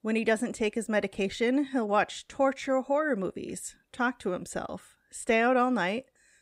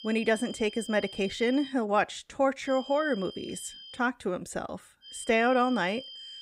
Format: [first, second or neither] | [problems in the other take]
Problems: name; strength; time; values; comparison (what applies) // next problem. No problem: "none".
first | high-pitched whine; noticeable; until 1.5 s, from 2.5 to 4 s and from 5 s on; 3 kHz, 15 dB below the speech